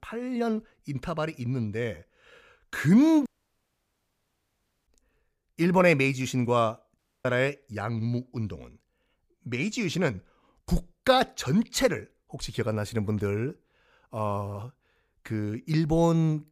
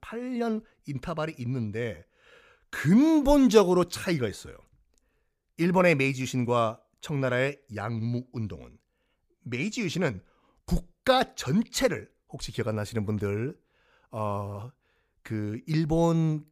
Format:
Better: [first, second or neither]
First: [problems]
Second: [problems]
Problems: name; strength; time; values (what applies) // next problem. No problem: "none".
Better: second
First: audio cutting out; at 3.5 s for 1.5 s and at 7 s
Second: none